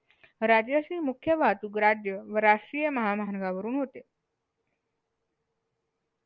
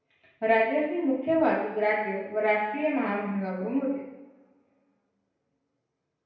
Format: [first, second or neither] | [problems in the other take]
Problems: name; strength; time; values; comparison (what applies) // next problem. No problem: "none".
first | room echo; dies away in 0.9 s